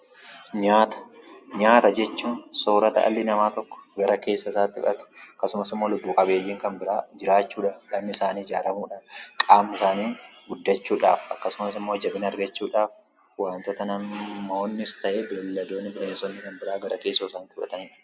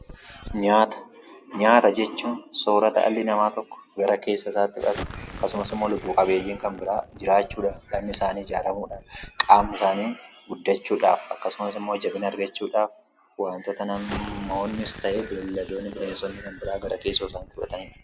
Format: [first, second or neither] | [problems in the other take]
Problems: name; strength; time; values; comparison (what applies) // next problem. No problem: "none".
first | background sound (Explosion); 18 dB below the speech